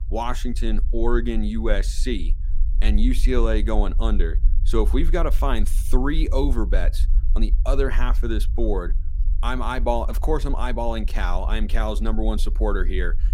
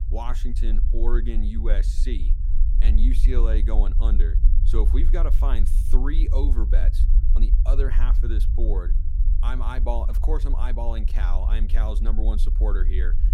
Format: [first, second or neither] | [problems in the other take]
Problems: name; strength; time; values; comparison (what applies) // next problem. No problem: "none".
first | low rumble; loud; throughout; 10 dB below the speech; faint in the first